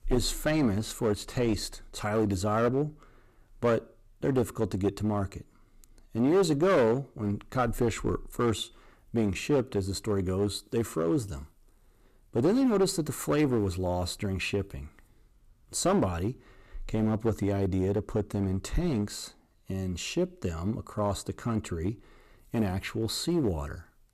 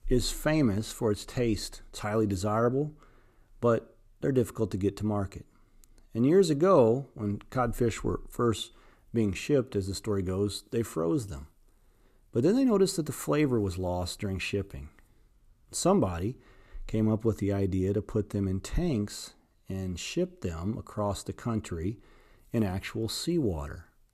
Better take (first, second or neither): second